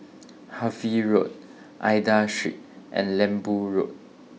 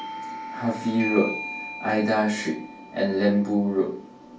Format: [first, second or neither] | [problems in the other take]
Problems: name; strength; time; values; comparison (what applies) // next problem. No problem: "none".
first | background sound (Doorbell); 11 dB below the speech // room echo; dies away in 0.3 s